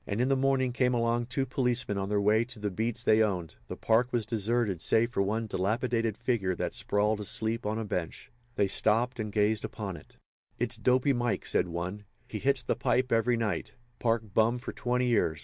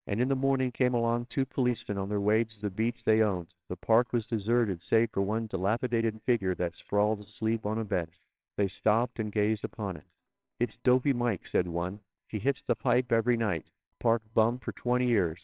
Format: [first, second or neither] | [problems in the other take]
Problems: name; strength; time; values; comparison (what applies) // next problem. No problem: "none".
first | noise reduction (neural separator model SepFormer WHAMR!)